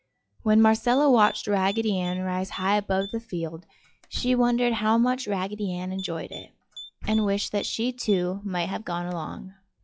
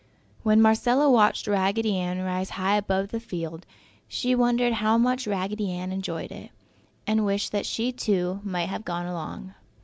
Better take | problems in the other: second | noise reduction (classical method log-MMSE)

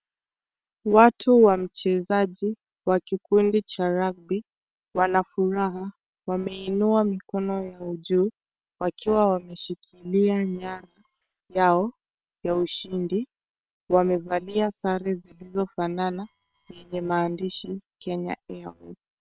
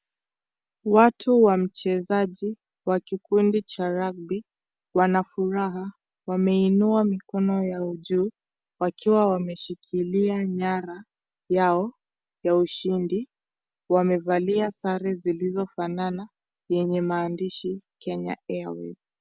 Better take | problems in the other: second | noise reduction (neural separator model SepFormer WHAM!)

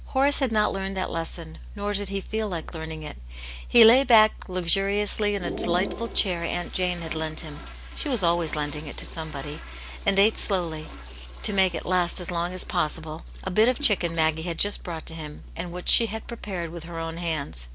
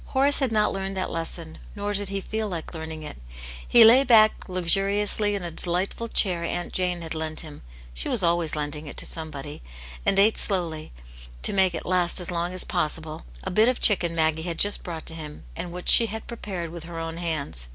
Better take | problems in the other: second | background sound (Toilet flush); 17 dB below the speech

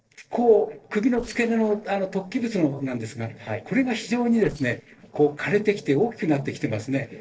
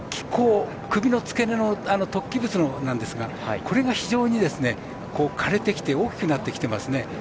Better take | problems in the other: second | noise reduction (neural separator model SepFormer DNS4)

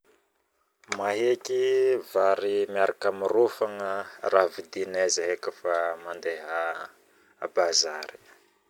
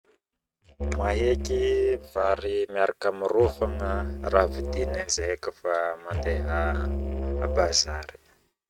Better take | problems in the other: first | noise reduction (neural mask model RNNoise)

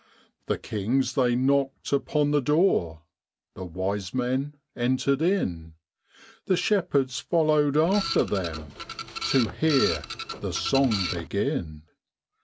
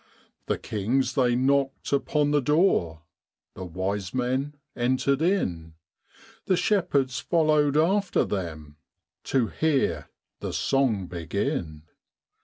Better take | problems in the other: second | background sound (Printer); 7 dB below the speech

